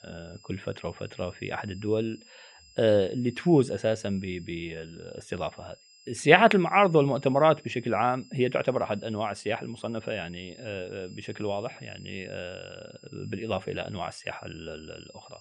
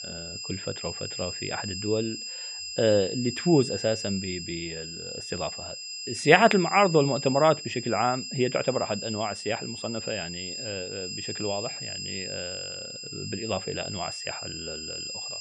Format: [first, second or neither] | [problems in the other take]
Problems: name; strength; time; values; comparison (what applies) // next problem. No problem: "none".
first | high-pitched whine; loud; throughout; 5 kHz, 7 dB below the speech; faint in the first